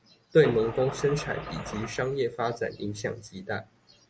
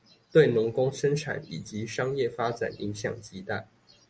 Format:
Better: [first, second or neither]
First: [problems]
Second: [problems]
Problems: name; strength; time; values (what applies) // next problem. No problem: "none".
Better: second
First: background sound (Engine starting / Car); 10 dB below the speech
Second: none